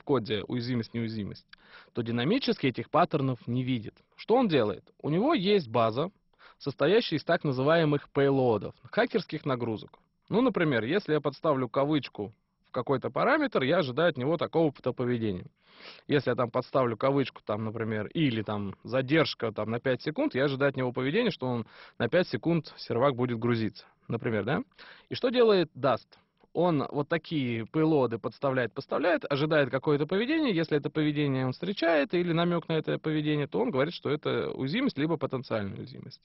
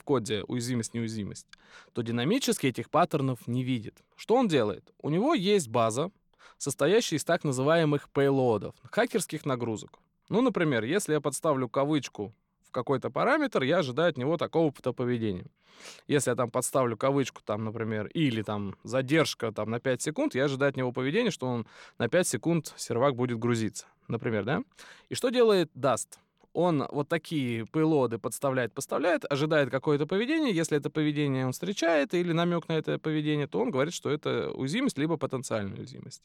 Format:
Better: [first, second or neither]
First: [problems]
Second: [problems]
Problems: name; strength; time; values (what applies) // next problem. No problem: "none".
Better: second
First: garbled, watery; badly; nothing above 5.5 kHz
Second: none